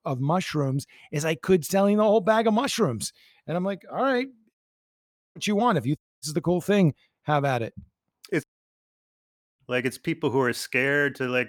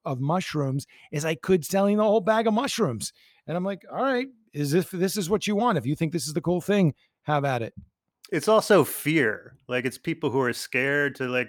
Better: second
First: audio cutting out; at 4.5 s for 1 s, at 6 s and at 8.5 s for 1 s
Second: none

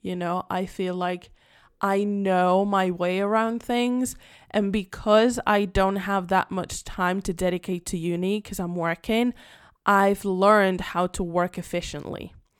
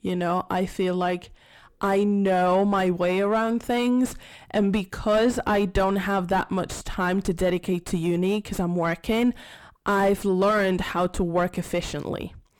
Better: first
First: none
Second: distortion; heavy; 6 dB below the speech

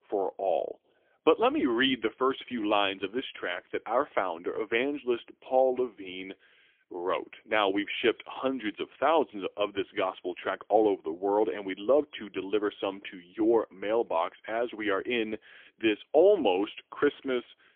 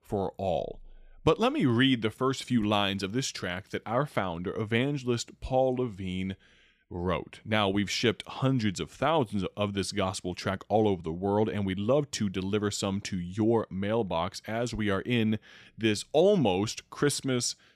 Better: second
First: phone-call audio; poor line; nothing above 3.5 kHz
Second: none

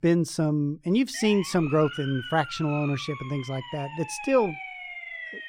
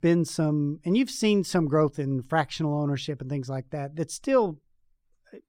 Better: second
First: siren; noticeable; from 1 s on; peak 9 dB below the speech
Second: none

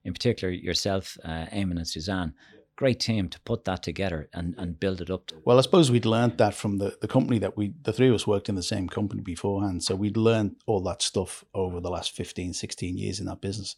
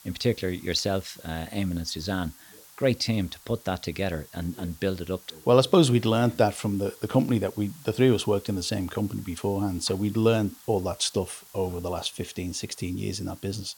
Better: first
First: none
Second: hiss; faint; throughout; 20 dB below the speech

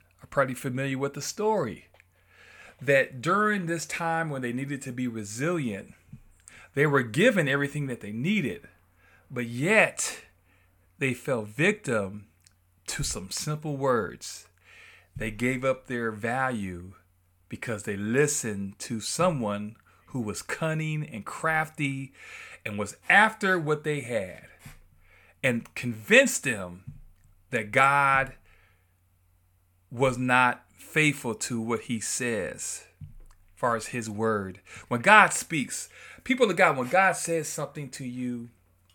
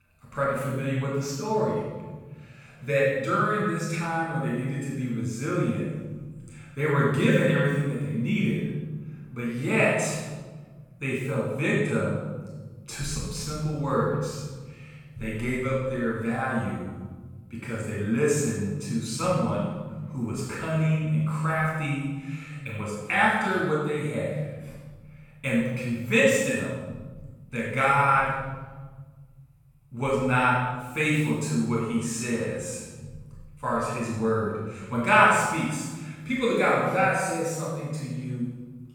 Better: first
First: none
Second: off-mic speech; far // room echo; strong; dies away in 2 s

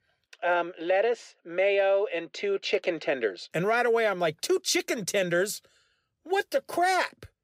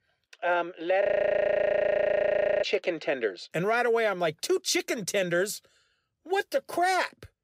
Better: first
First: none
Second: audio freezing; at 1 s for 1.5 s

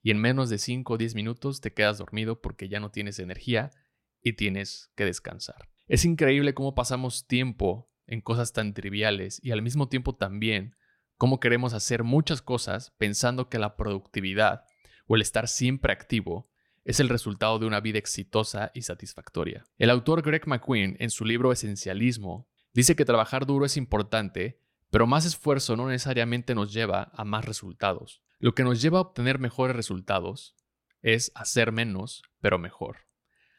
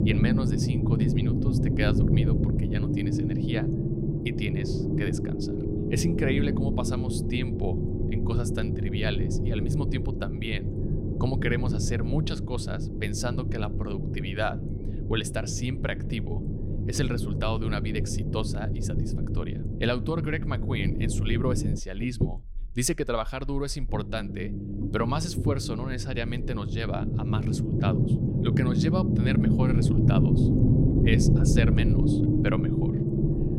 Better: first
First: none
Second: low rumble; loud; throughout; 1 dB below the speech

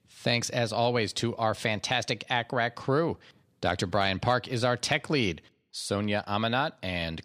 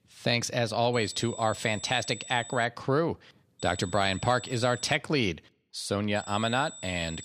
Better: first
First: none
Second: high-pitched whine; noticeable; from 1 to 2.5 s, from 3.5 to 5 s and from 6 s on; 8 kHz, 15 dB below the speech

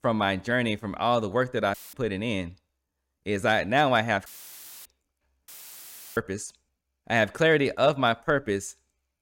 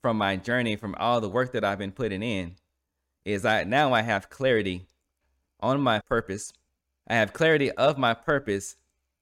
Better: second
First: audio cutting out; filled with static; at 1.5 s, at 4.5 s for 0.5 s and at 5.5 s for 0.5 s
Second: none

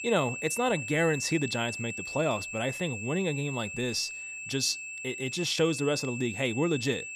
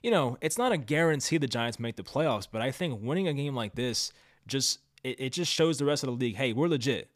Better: second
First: high-pitched whine; loud; throughout; 2.5 kHz, 6 dB below the speech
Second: none

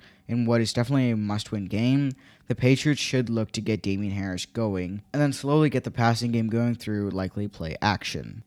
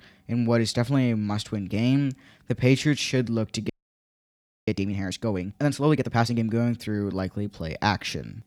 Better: first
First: none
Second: audio freezing; at 3.5 s for 1 s

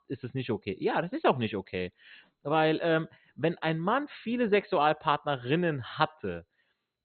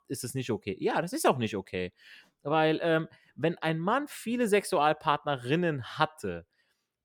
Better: second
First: garbled, watery; badly; nothing above 4 kHz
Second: none

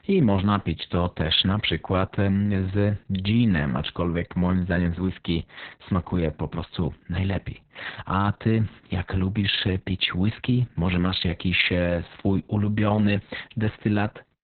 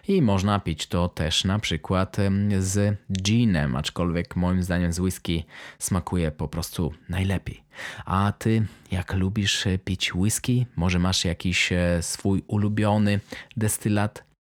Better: second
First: garbled, watery; badly; nothing above 4 kHz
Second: none

